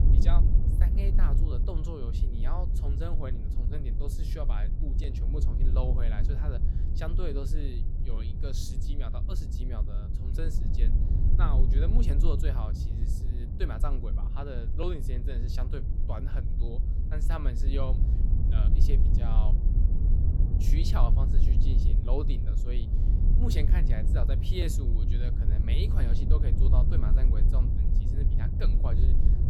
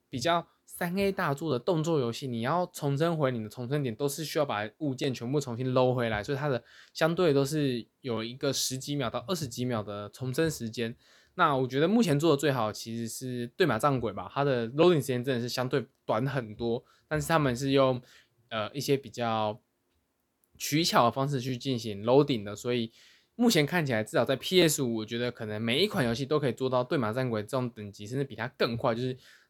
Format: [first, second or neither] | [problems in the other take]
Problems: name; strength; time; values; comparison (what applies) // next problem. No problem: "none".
second | wind noise on the microphone; heavy; 3 dB below the speech